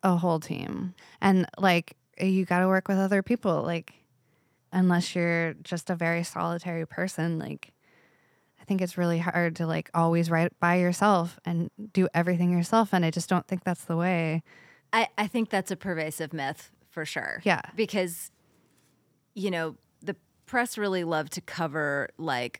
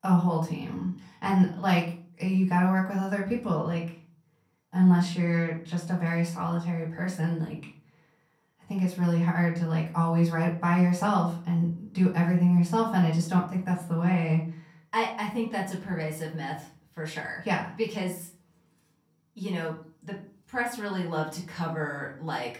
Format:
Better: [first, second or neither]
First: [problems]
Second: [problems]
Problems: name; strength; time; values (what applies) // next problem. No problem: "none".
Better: first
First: none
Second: off-mic speech; far // room echo; slight; dies away in 0.4 s